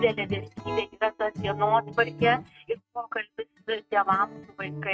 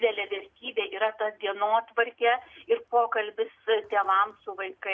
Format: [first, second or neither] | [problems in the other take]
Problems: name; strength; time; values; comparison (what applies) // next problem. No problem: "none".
second | noise reduction (neural mask model RNNoise)